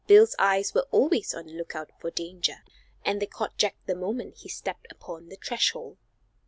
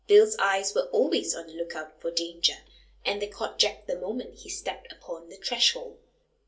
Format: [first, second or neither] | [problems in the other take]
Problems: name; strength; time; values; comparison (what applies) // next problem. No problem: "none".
first | room echo; dies away in 0.2 s